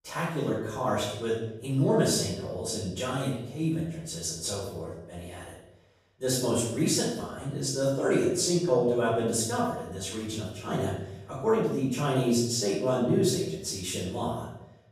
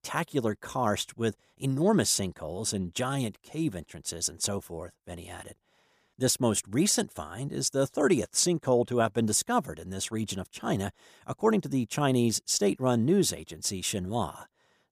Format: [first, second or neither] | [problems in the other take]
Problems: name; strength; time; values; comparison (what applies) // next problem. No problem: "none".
second | room echo; noticeable; dies away in 0.7 s // off-mic speech; far